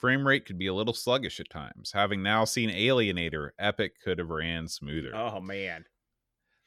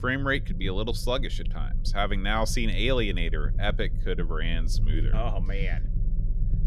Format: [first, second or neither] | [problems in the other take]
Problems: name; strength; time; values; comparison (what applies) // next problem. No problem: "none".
first | low rumble; noticeable; throughout; 20 dB below the speech